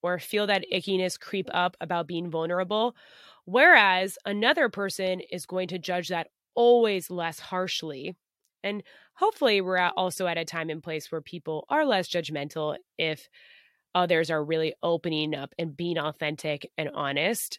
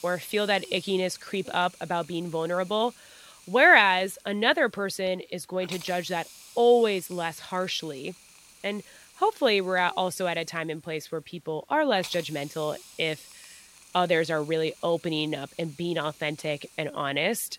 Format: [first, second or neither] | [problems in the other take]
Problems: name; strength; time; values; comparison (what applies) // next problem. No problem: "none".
first | hiss; faint; throughout; 20 dB below the speech